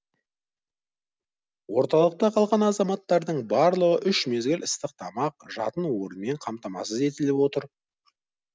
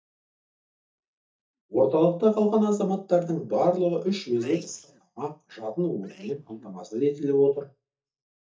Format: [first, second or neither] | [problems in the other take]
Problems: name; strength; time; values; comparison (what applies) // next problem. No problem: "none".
first | noise reduction (neural mask model DeepFilterNet 3)